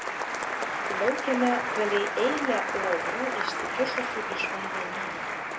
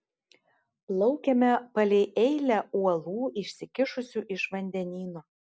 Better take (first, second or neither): second